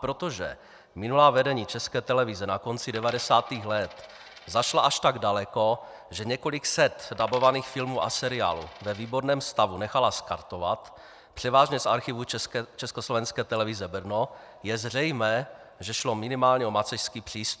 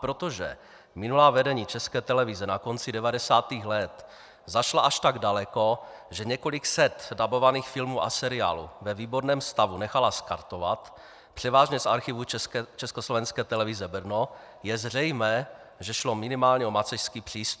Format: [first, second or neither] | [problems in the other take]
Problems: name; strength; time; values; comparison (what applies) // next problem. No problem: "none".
second | background sound (Coin (dropping)); 20 dB below the speech